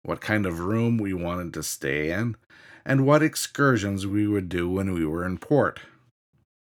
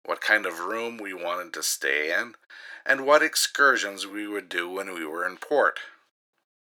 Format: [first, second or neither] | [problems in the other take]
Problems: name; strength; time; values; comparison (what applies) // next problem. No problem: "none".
first | thin; very; fading below 500 Hz